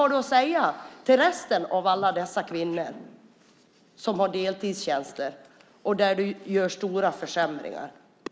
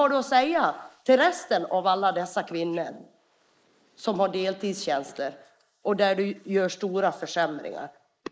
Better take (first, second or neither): first